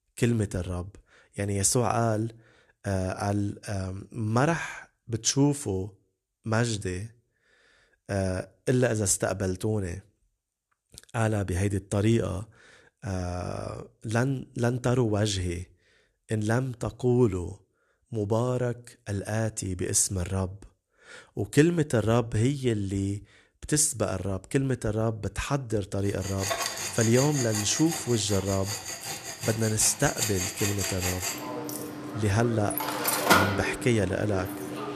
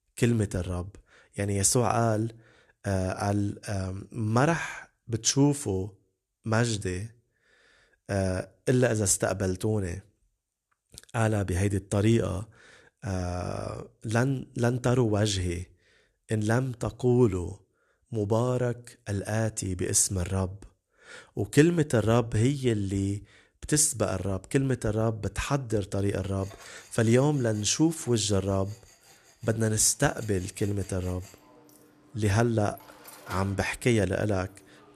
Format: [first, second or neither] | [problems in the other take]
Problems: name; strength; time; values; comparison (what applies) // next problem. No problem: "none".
second | machinery noise; loud; from 26 s on; 2 dB below the speech; faint in the second